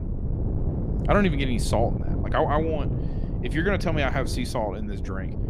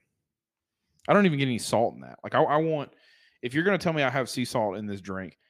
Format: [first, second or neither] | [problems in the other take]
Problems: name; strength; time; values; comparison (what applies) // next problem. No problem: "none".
second | wind noise on the microphone; occasional gusts; 10 dB below the speech